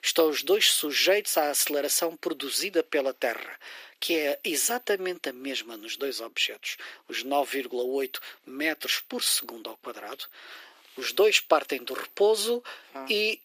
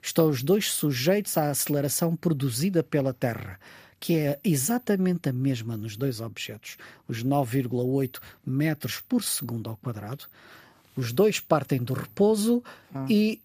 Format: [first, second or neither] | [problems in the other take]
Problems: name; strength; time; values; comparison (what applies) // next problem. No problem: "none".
second | thin; very; fading below 350 Hz